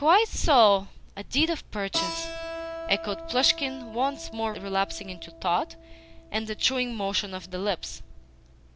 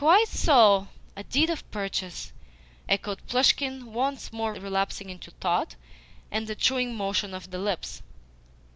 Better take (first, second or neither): second